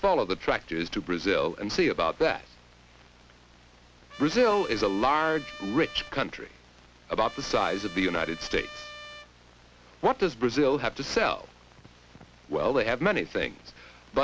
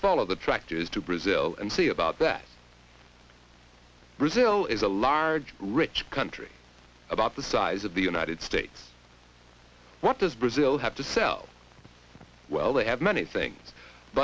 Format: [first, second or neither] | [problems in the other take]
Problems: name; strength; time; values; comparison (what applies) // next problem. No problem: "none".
second | background sound (Trumpet); 16 dB below the speech